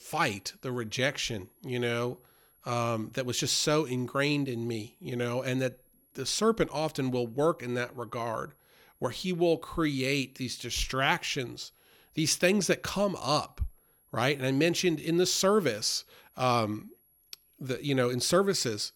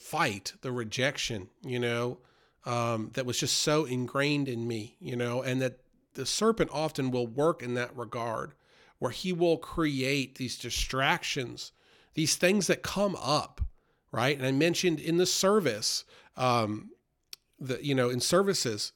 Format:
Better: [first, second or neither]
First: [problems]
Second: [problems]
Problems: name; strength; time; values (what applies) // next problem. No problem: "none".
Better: second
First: high-pitched whine; faint; throughout; 11.5 kHz, 35 dB below the speech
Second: none